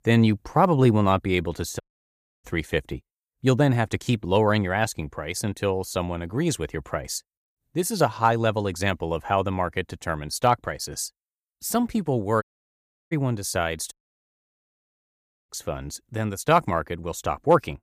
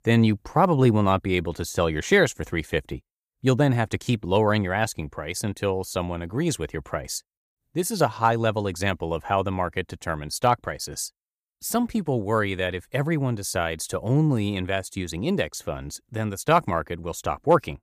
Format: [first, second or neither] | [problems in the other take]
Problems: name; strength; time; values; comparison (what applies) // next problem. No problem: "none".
second | audio cutting out; at 2 s for 0.5 s, at 12 s for 0.5 s and at 14 s for 1.5 s